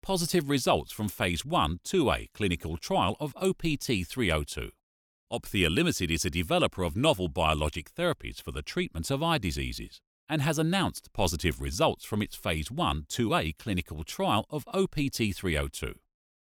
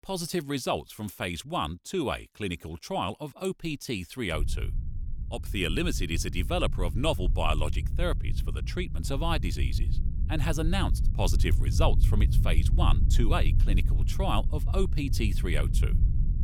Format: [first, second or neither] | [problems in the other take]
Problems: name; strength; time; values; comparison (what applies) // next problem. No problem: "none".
first | low rumble; noticeable; from 4.5 s on; 15 dB below the speech